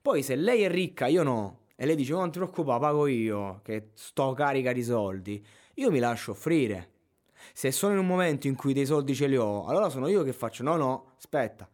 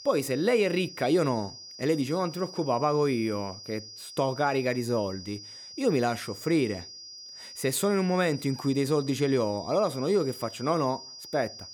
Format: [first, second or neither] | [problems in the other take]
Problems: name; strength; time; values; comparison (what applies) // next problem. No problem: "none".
first | high-pitched whine; noticeable; throughout; 5 kHz, 15 dB below the speech